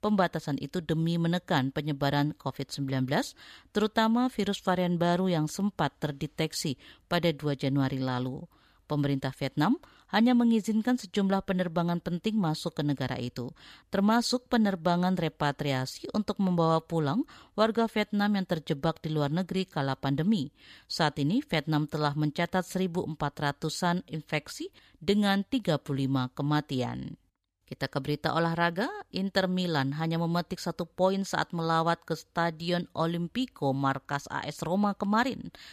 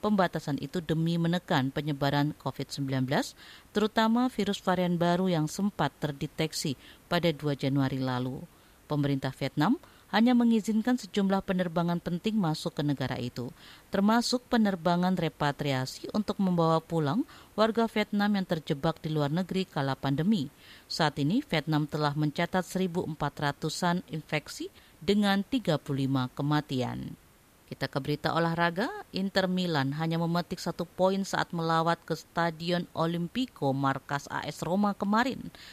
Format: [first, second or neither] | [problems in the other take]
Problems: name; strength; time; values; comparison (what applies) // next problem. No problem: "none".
first | hiss; faint; throughout; 30 dB below the speech